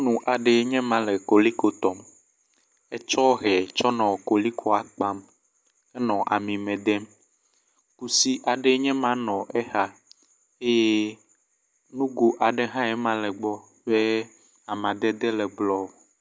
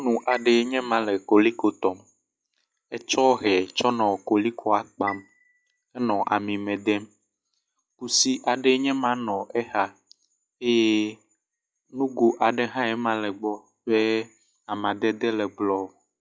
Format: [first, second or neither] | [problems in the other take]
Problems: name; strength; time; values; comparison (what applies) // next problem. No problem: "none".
first | noise reduction (classical method log-MMSE)